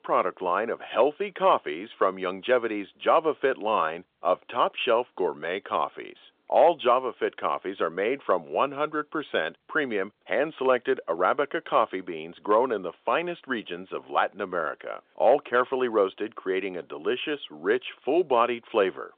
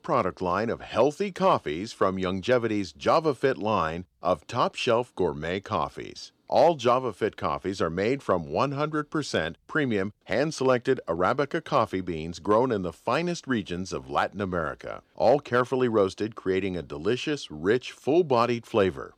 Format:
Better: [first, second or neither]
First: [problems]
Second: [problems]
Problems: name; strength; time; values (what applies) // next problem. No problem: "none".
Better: second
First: phone-call audio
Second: none